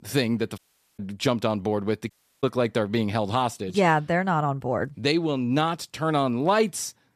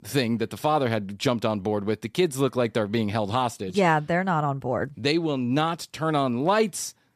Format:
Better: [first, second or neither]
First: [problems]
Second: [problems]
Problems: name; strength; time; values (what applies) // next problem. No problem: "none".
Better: second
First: audio cutting out; at 0.5 s and at 2 s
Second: none